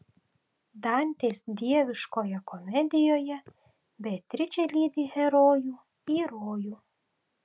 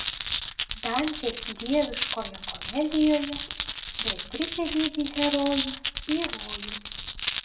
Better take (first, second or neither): first